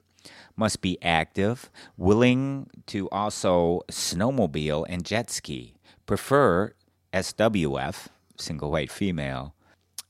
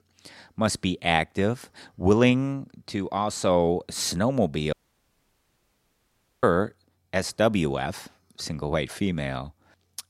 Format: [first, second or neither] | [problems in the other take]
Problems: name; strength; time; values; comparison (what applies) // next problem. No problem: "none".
first | audio cutting out; at 4.5 s for 1.5 s